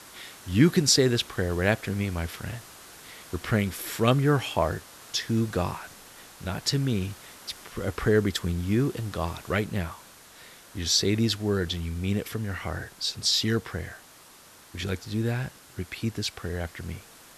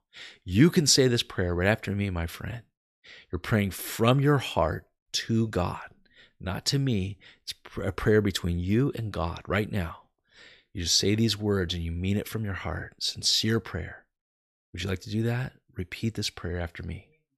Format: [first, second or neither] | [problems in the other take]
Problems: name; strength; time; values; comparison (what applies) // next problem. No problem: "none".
second | hiss; noticeable; throughout; 20 dB below the speech